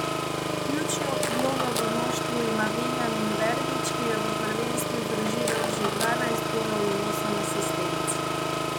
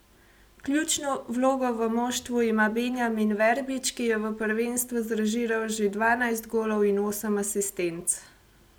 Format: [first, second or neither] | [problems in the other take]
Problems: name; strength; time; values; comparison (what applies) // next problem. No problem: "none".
second | background sound (Engine); 4 dB above the speech